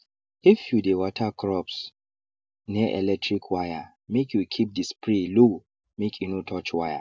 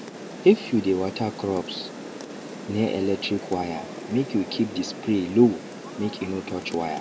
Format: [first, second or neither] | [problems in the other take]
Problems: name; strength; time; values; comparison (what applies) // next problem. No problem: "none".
first | background sound (Rain); 11 dB below the speech